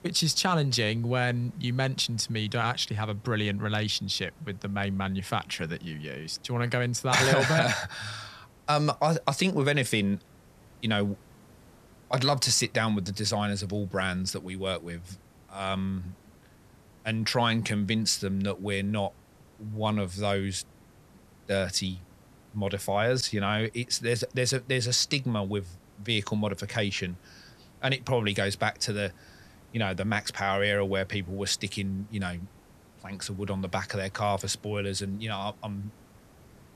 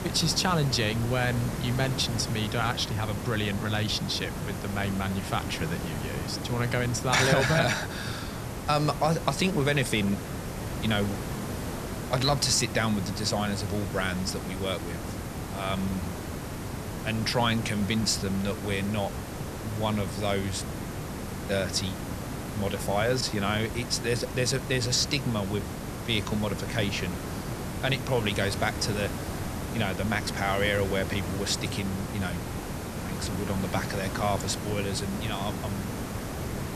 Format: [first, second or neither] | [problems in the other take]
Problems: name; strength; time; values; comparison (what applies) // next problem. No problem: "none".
first | hiss; loud; throughout; 6 dB below the speech; faint in the first